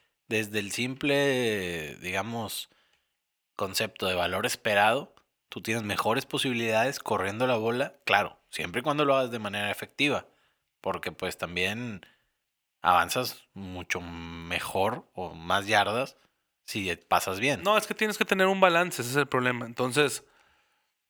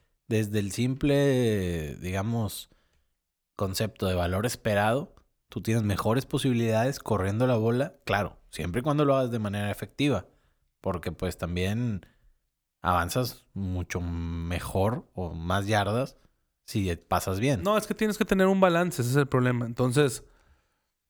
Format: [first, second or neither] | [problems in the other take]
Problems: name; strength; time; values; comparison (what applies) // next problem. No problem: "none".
second | thin; somewhat; fading below 850 Hz